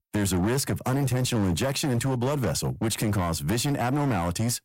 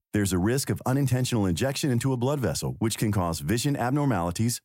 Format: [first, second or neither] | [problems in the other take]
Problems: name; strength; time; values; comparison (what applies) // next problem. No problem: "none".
second | distortion; slight; 22% of the sound clipped